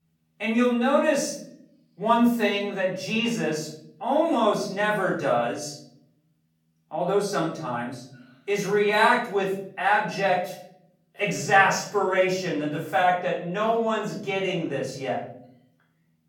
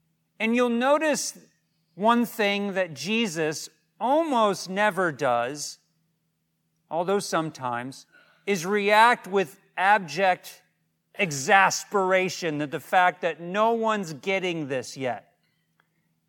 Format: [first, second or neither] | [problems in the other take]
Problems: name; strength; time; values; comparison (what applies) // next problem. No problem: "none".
second | off-mic speech; far // room echo; noticeable; dies away in 0.6 s